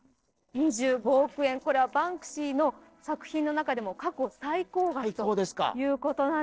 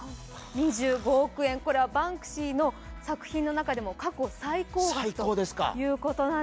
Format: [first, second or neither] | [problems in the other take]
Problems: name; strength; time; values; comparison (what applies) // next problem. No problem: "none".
second | noise reduction (neural separator model SepFormer DNS4)